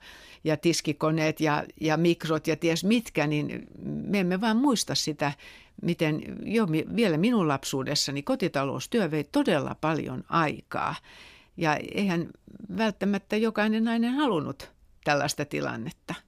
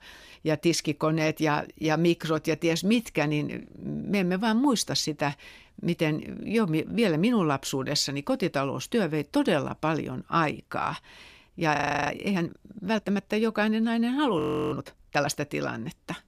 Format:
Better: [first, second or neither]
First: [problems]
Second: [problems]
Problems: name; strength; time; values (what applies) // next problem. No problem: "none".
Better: first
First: none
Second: audio freezing; at 12 s and at 14 s